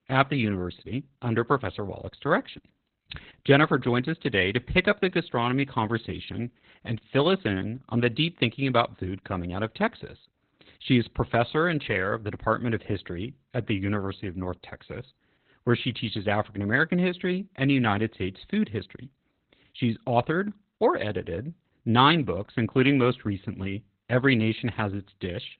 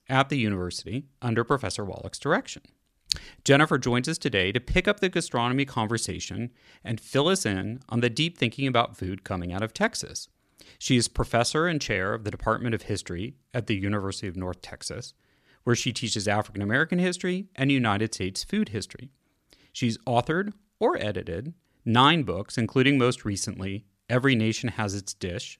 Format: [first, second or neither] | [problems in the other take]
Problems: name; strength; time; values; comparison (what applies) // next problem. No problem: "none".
second | garbled, watery; badly; nothing above 4 kHz